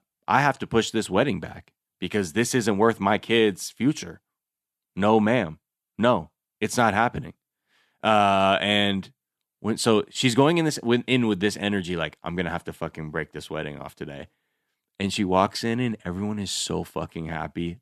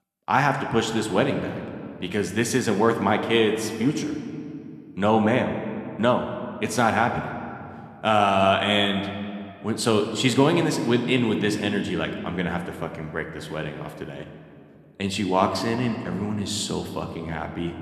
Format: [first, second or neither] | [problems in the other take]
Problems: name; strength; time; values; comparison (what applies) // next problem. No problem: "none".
first | room echo; slight; dies away in 1.9 s